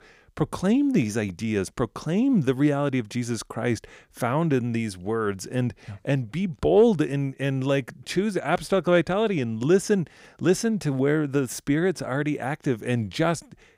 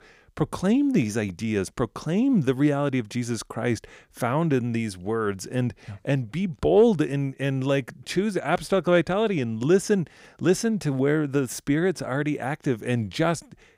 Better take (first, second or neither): neither